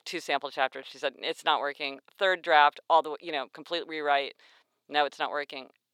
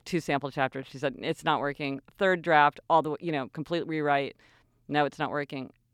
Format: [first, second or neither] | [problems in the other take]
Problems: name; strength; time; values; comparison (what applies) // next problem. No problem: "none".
second | thin; somewhat; fading below 600 Hz